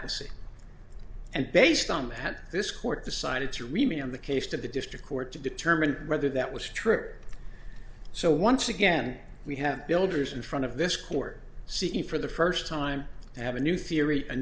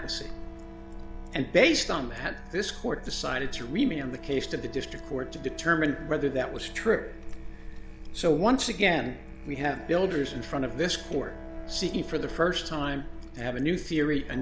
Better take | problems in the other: first | background sound (Wind instrument, woodwind instrument + Musical instrument); 15 dB below the speech

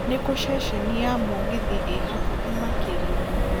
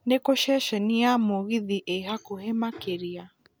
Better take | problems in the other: second | background sound (Accelerating, revving, vroom); 5 dB above the speech

